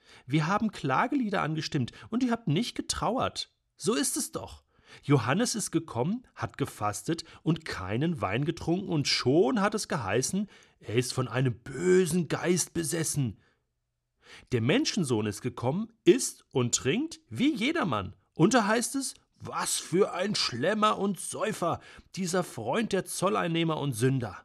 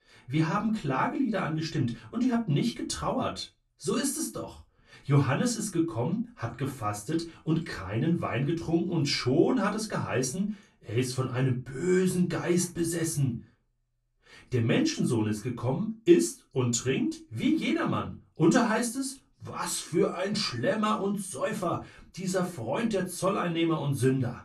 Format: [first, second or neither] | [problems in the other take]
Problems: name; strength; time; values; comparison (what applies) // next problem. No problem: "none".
first | off-mic speech; far // room echo; very slight; dies away in 0.2 s